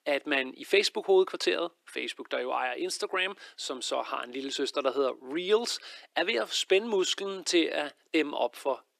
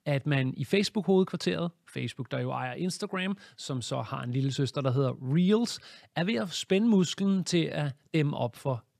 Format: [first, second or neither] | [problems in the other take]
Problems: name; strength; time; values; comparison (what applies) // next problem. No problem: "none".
second | thin; very; fading below 300 Hz